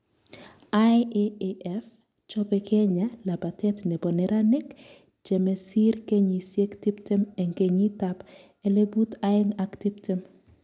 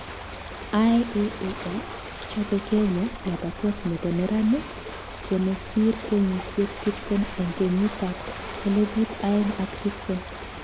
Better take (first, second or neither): first